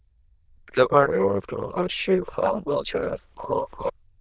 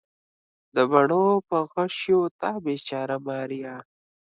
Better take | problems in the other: second | noise reduction (neural diffusion model UNIVERSE++)

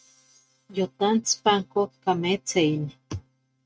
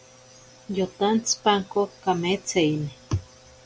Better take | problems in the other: second | noise reduction (neural mask model RNNoise)

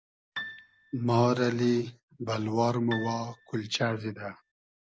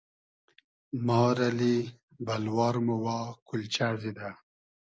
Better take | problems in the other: second | background sound (Piano); 16 dB below the speech

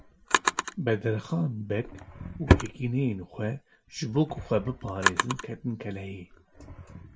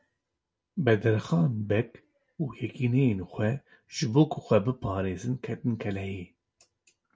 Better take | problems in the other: second | background sound (Drawer open or close); as loud as the speech

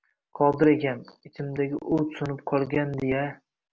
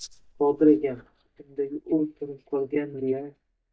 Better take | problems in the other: first | noise reduction (neural mask model DeepFilterNet 3)

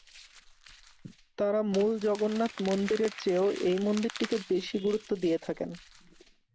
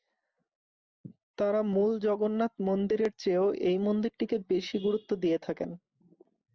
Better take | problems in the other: second | background sound (Crumpling, crinkling); 17 dB below the speech

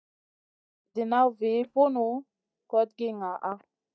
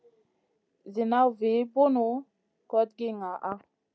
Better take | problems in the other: second | noise reduction (neural mask model DeepFilterNet 3)

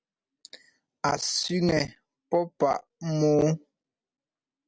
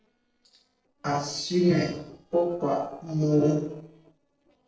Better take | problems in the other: first | noise reduction (neural separator model SepFormer DNS4)

